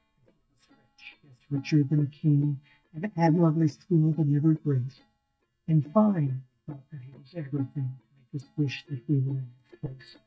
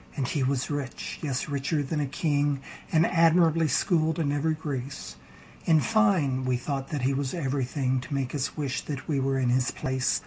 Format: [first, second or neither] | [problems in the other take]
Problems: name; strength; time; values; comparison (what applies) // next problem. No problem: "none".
second | noise reduction (neural mask model DeepFilterNet 3)